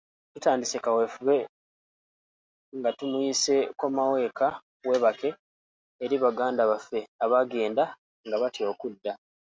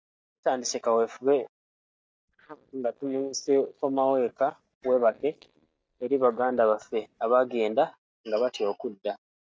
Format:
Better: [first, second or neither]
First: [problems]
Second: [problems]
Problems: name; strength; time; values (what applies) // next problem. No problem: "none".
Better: first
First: none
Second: noise reduction (neural mask model DeepFilterNet 3)